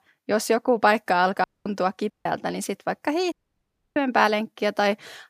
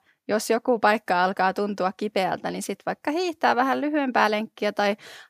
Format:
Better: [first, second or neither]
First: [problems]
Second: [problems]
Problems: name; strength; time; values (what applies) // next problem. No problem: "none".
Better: second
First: audio cutting out; at 1.5 s, at 2 s and at 3.5 s for 0.5 s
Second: none